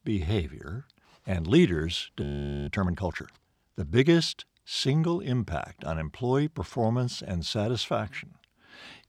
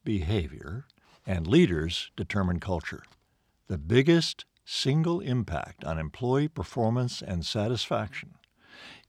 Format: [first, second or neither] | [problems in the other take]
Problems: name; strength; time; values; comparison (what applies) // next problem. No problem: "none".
second | audio freezing; at 2 s